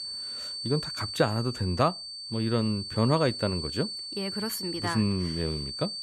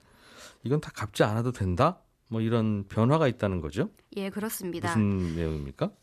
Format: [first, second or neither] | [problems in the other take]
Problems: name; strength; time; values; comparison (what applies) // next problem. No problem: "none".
second | high-pitched whine; loud; throughout; 4.5 kHz, 5 dB below the speech